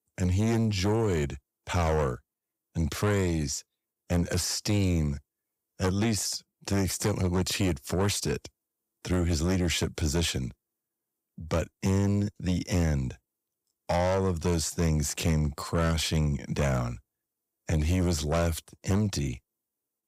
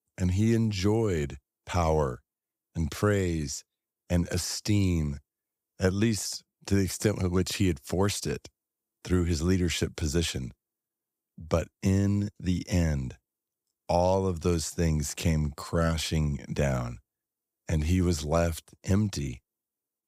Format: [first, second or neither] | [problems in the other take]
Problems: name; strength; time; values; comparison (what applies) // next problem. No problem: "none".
second | distortion; slight; 10 dB below the speech